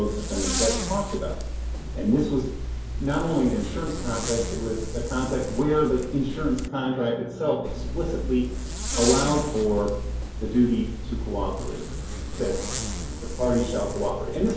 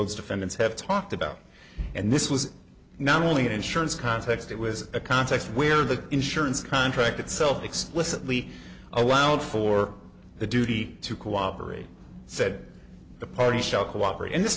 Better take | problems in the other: second | background sound (Zipper (clothing)); 4 dB below the speech // room echo; dies away in 2.4 s

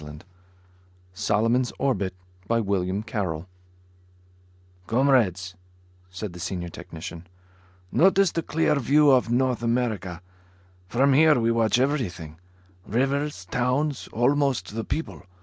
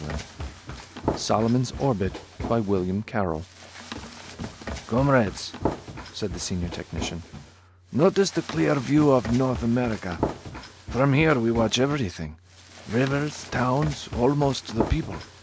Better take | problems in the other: first | background sound (Run); 10 dB below the speech

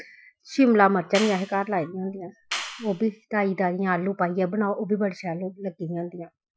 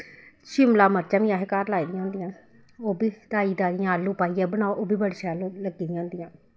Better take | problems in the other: second | noise reduction (classical method Wiener filter)

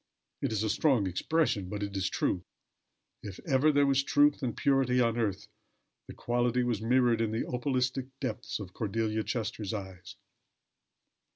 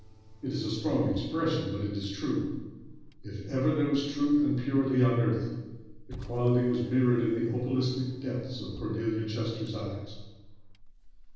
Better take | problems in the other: first | background sound (Car); 17 dB below the speech // room echo; dies away in 1.3 s

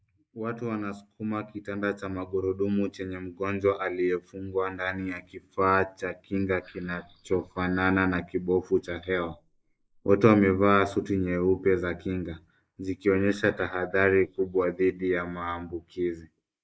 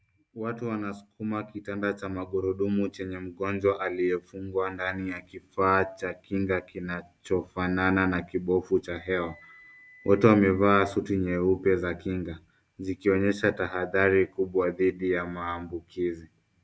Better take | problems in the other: second | noise reduction (neural mask model Resemble Enhance denoiser)

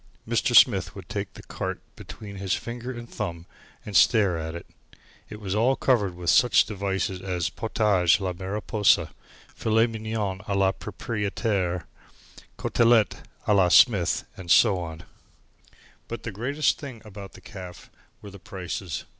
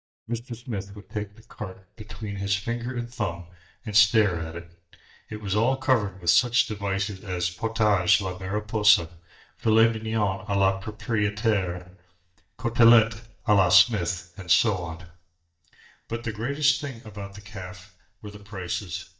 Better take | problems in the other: first | noise reduction (neural mask model DeepFilterNet 3)

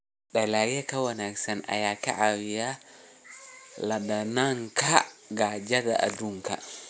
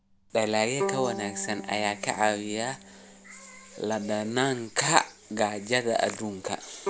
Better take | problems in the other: first | background sound (Bowed string instrument); 11 dB below the speech

